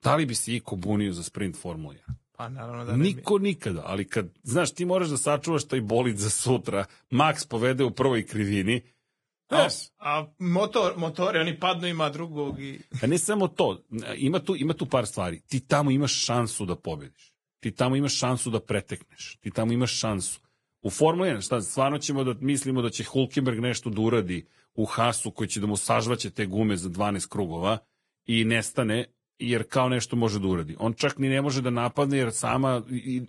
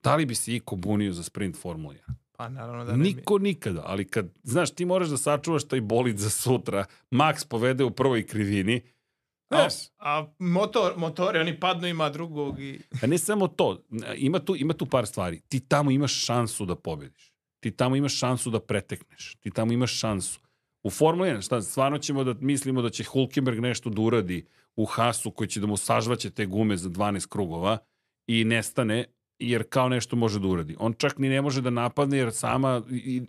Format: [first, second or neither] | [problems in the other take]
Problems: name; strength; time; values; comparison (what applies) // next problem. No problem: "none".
second | garbled, watery; badly; nothing above 10.5 kHz